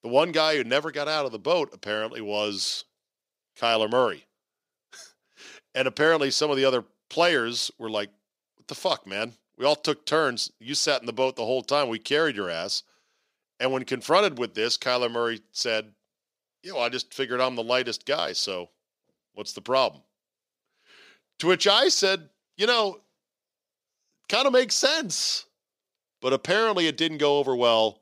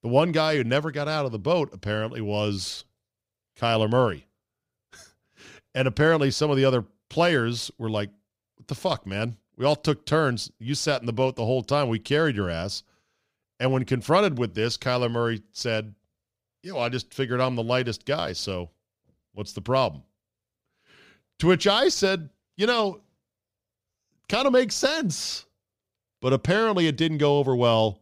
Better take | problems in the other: second | thin; somewhat; fading below 350 Hz

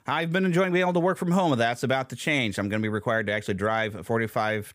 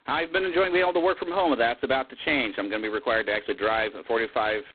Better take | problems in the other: first | phone-call audio; poor line; nothing above 4 kHz

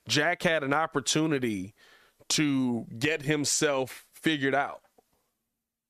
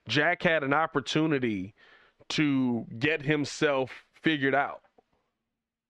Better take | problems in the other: first | muffled; slightly; fading above 2.5 kHz

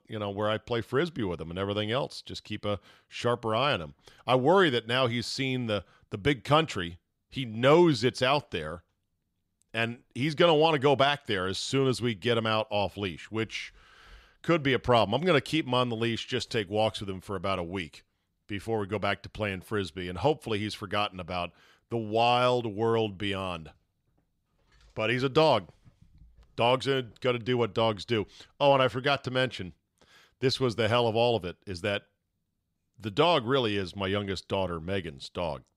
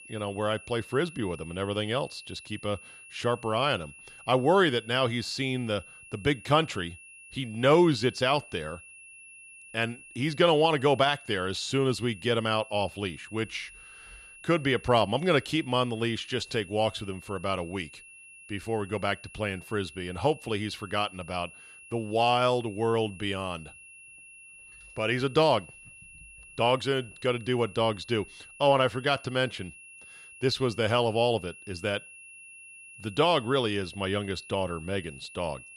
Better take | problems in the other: first | high-pitched whine; noticeable; throughout; 2.5 kHz, 20 dB below the speech

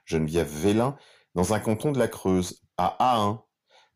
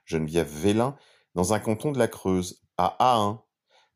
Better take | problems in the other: second | distortion; slight; 10 dB below the speech

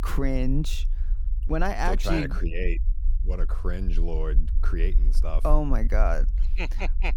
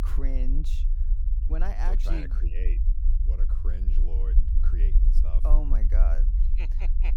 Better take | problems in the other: first | low rumble; loud; throughout; 7 dB below the speech; faint in the first

